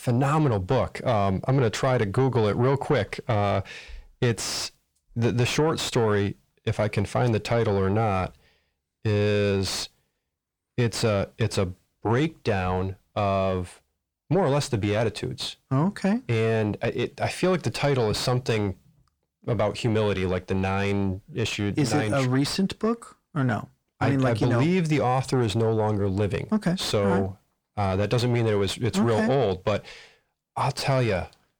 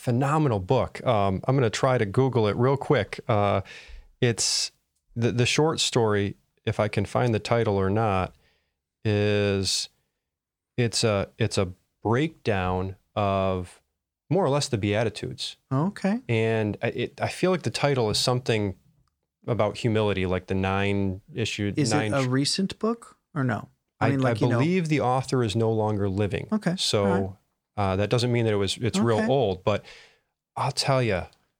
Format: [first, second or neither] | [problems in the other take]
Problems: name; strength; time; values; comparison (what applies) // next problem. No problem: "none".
second | distortion; slight; 10 dB below the speech